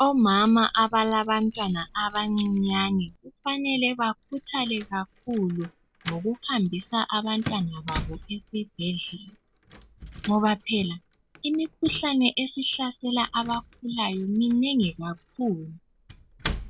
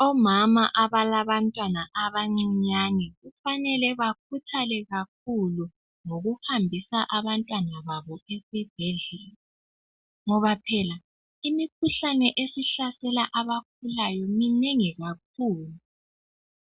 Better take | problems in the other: second | background sound (Keys jangling); 16 dB below the speech

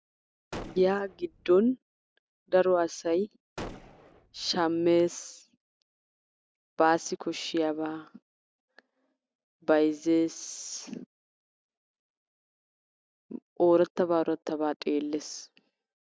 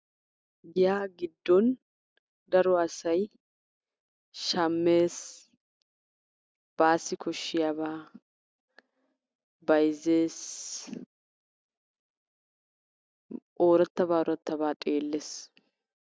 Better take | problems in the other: second | background sound (Gunshot, gunfire); 14 dB below the speech

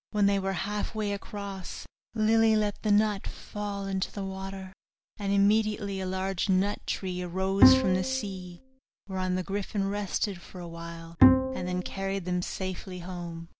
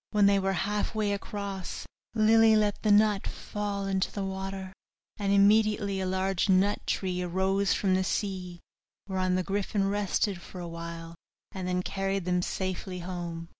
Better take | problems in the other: second | background sound (Bowed string instrument); 4 dB above the speech

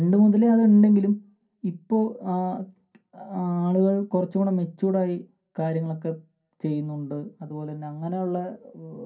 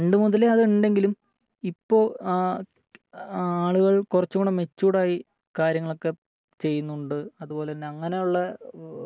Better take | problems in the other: second | room echo; dies away in 0.3 s

